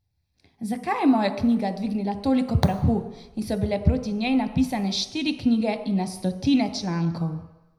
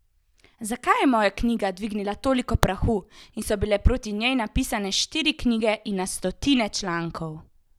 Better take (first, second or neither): second